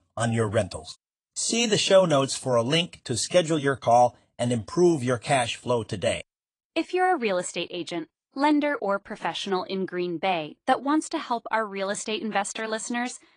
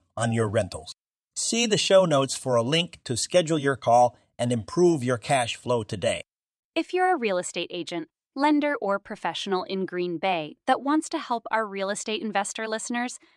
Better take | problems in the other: second | garbled, watery; slightly; nothing above 8.5 kHz

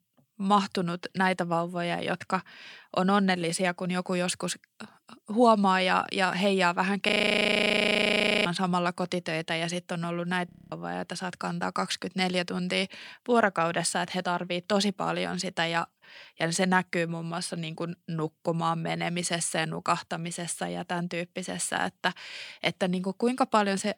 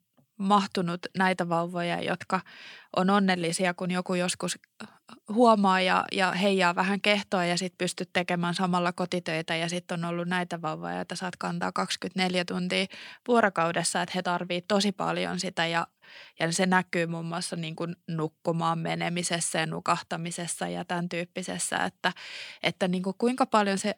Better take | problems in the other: second | audio freezing; at 7 s for 1.5 s and at 10 s

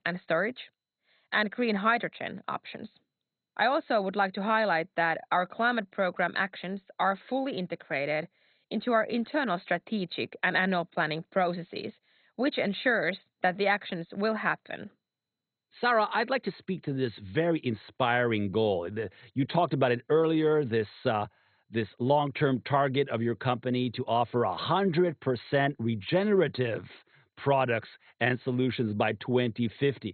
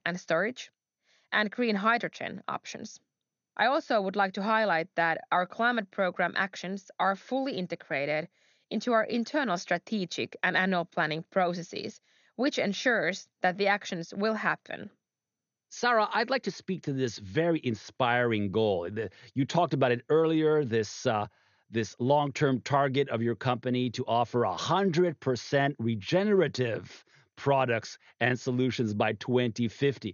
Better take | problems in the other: second | garbled, watery; badly; nothing above 4 kHz; slightly in the second

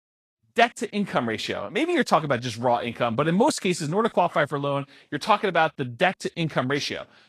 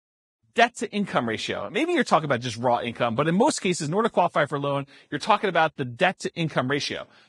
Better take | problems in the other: first | garbled, watery; badly; slightly in the first

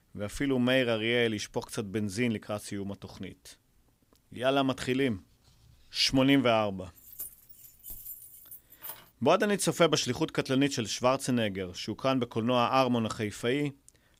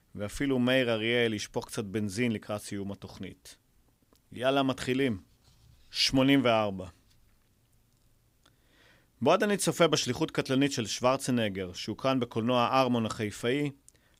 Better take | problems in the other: second | jangling keys; faint; from 7 to 9 s; peak 15 dB below the speech

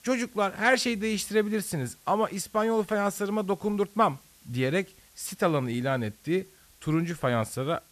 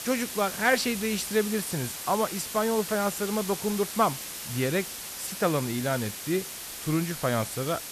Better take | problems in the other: first | hiss; loud; throughout; 6 dB below the speech; faint in the first

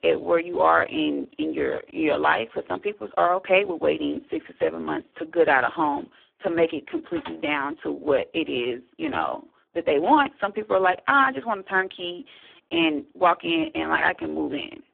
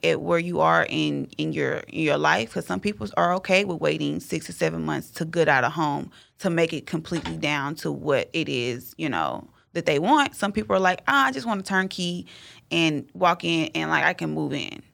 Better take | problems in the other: second | phone-call audio; poor line

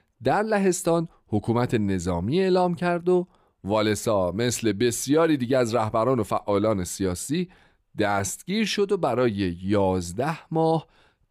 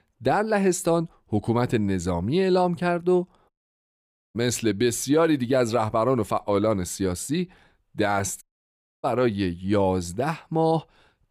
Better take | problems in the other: first | audio cutting out; at 3.5 s for 1 s and at 8.5 s for 0.5 s

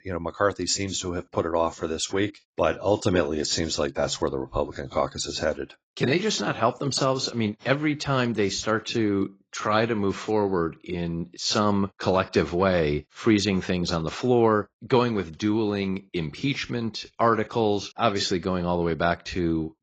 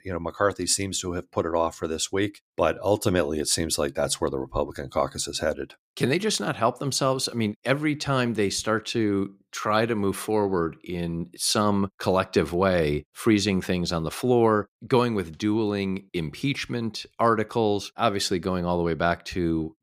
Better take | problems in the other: second | garbled, watery; badly; nothing above 7.5 kHz

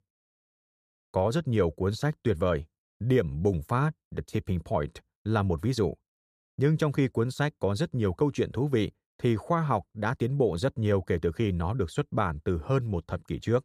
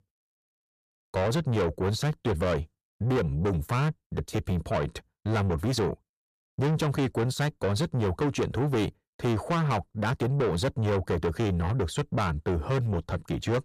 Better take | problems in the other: first | distortion; heavy; 7 dB below the speech

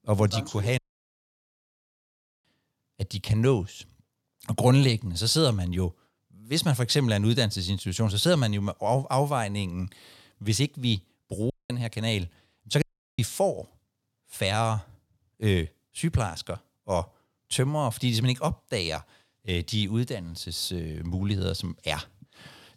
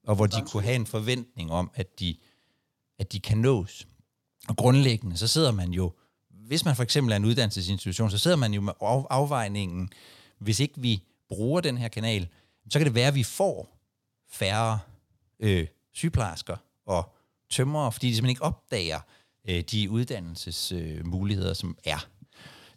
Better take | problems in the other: second | audio cutting out; at 1 s for 1.5 s, at 12 s and at 13 s

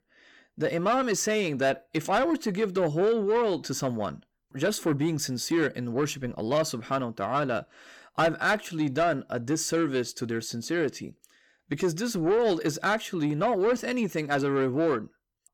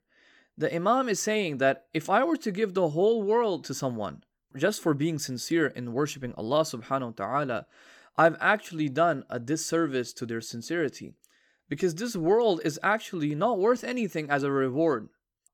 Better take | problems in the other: second | distortion; slight; 10 dB below the speech

